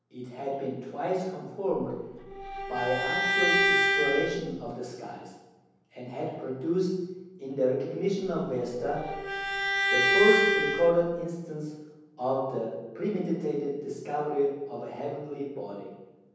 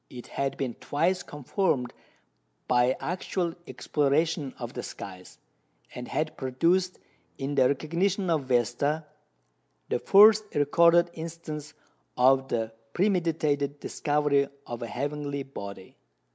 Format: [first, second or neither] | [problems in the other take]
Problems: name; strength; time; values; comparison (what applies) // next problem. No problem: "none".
second | background sound (Bowed string instrument); 3 dB above the speech // room echo; dies away in 1.1 s